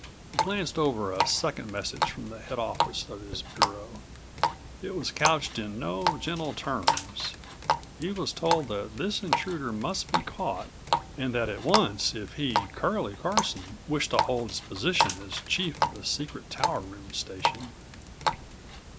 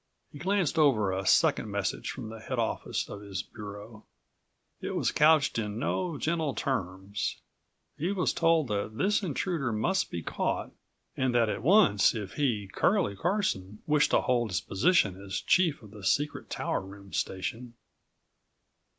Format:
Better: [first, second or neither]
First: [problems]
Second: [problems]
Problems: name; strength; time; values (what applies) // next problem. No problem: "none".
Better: second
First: background sound (Water tap, faucet); 1 dB below the speech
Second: none